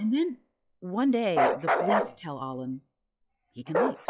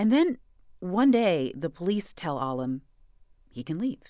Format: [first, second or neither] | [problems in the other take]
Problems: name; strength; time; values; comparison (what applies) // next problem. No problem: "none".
second | noise reduction (classical method log-MMSE)